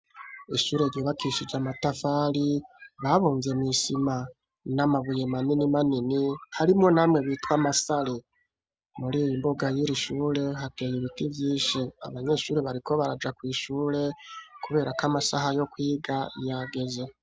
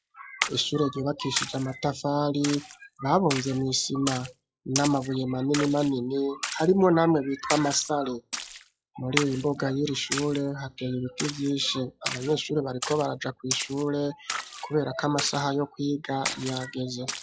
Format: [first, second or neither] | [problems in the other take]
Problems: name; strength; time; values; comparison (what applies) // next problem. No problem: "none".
first | noise reduction (classical method log-MMSE)